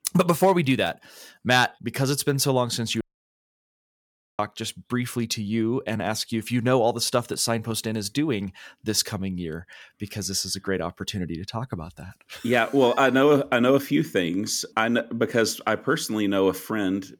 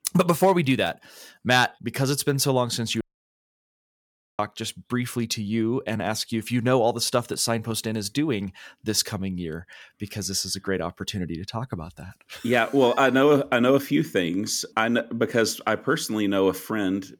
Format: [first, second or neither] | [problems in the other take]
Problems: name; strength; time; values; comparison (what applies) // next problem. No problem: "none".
neither | audio cutting out; at 3 s for 1.5 s; the same in both